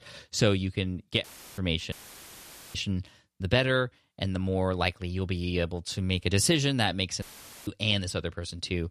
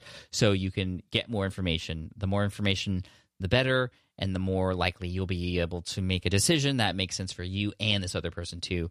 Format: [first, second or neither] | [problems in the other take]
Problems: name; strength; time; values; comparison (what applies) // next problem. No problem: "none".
second | audio cutting out; filled with static; at 1 s, at 2 s for 1 s and at 7 s